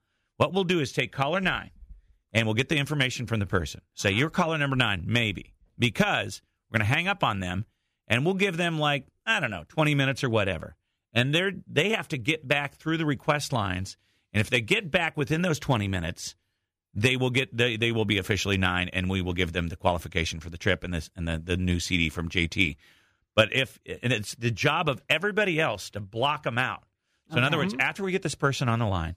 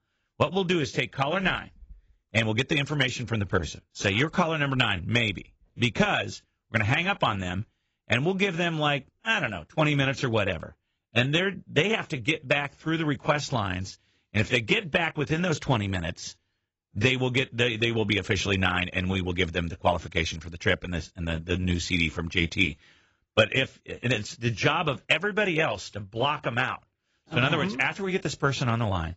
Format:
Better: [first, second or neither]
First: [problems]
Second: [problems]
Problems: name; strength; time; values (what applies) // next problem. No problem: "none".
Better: first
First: none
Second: garbled, watery; badly; nothing above 7.5 kHz